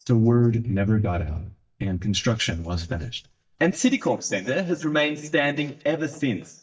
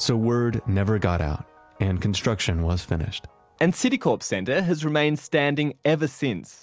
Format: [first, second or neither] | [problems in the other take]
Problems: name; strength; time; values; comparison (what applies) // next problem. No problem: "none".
second | noise reduction (neural mask model DeepFilterNet 3)